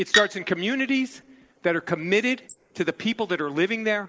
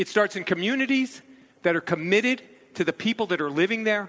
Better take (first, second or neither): second